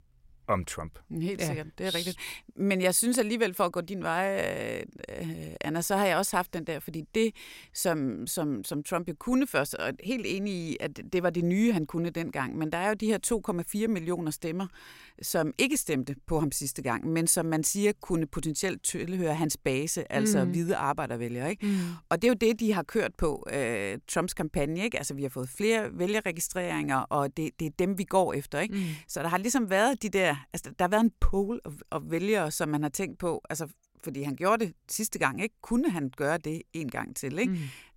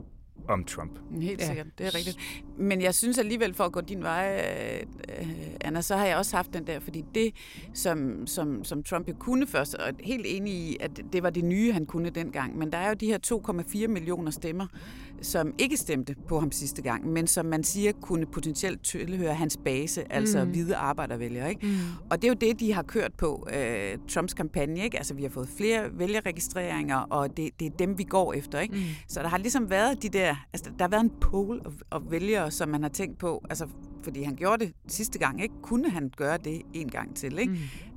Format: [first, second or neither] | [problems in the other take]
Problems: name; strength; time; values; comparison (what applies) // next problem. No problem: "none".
first | low rumble; faint; throughout; 25 dB below the speech